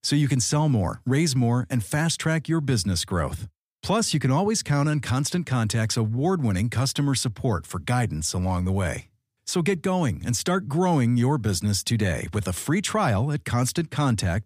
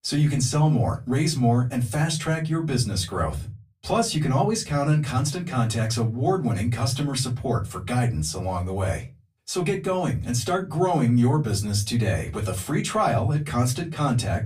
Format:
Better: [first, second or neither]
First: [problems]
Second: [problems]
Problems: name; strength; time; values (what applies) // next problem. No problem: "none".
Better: first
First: none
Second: off-mic speech; far // room echo; very slight; dies away in 0.2 s